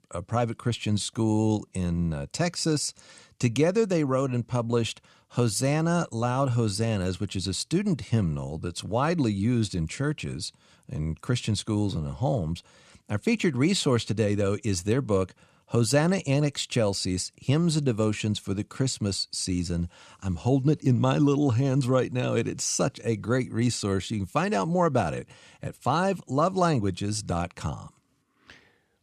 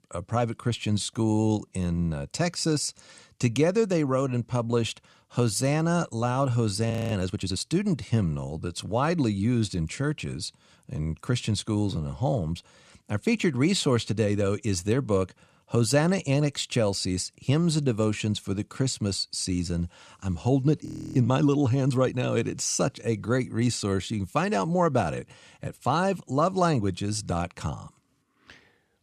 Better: first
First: none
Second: audio freezing; at 7 s and at 21 s

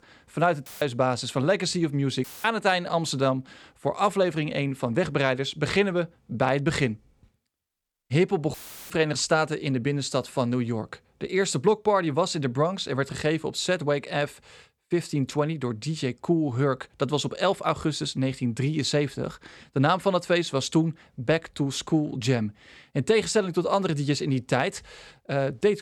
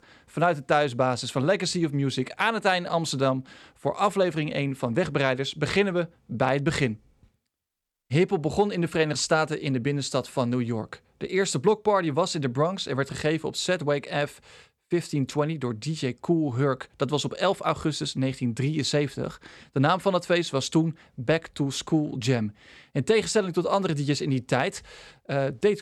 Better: second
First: audio cutting out; filled with static; at 0.5 s, at 2 s and at 8.5 s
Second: none

